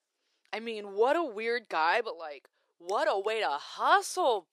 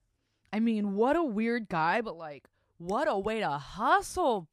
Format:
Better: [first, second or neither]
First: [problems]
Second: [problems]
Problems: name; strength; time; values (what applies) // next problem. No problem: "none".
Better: second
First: thin; very; fading below 400 Hz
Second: none